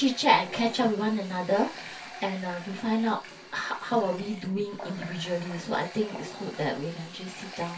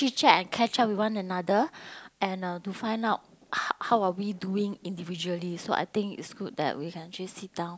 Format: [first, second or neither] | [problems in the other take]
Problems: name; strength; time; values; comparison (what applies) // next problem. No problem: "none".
second | background sound (Water tap, faucet); 15 dB below the speech // room echo; dies away in 0.2 s